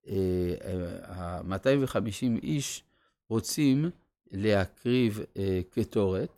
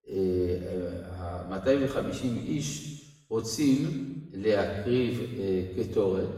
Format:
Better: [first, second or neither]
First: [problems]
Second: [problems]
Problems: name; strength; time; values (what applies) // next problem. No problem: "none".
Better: first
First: none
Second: room echo; noticeable; dies away in 1.1 s // off-mic speech; far